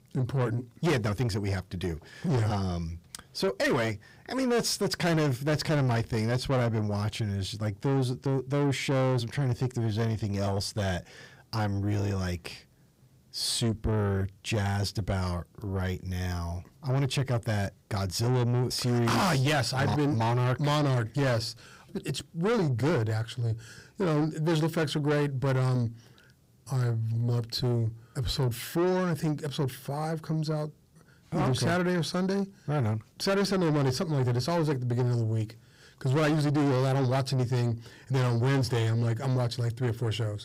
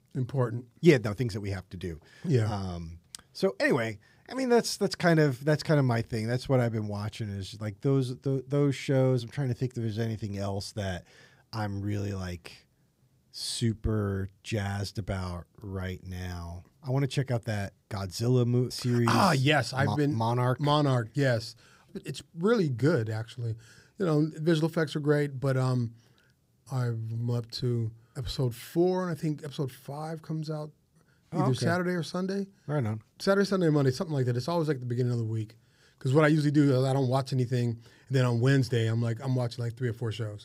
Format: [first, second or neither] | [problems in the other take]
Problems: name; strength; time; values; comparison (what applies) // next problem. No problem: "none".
second | distortion; heavy; 7 dB below the speech